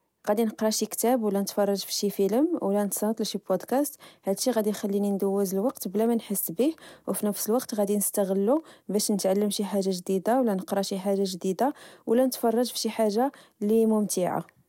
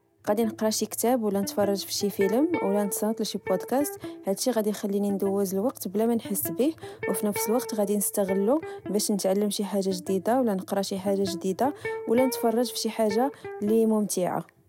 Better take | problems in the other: first | background sound (Electric guitar); 12 dB below the speech

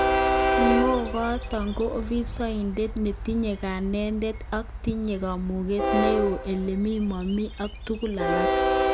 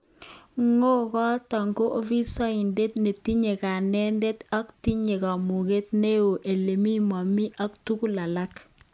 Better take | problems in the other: second | background sound (Train); as loud as the speech

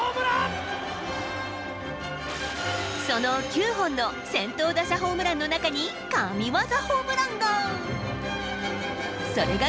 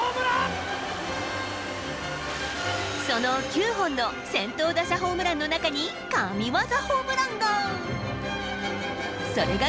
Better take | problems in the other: first | background sound (Domestic sounds, home sounds); 15 dB below the speech

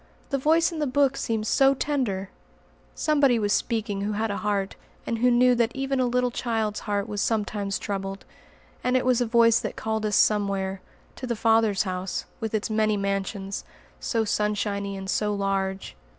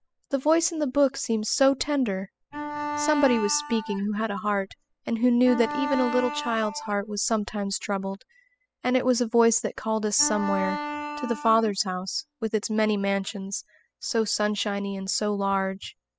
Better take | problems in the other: first | noise reduction (classical method spectral subtraction)

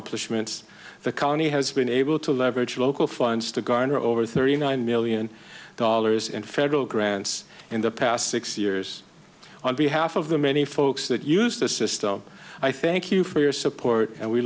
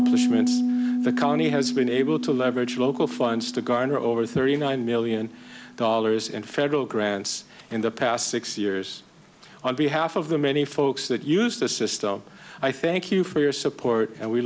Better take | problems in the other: first | background sound (Piano); 6 dB below the speech

